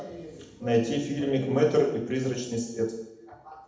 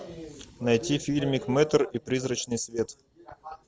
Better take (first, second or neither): second